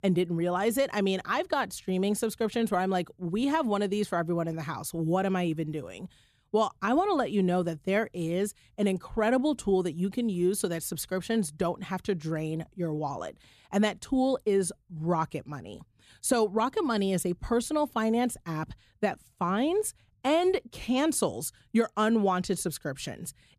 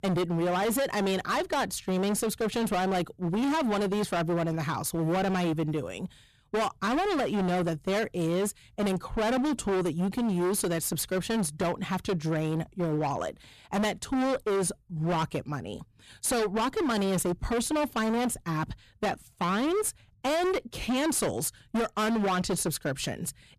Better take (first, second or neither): first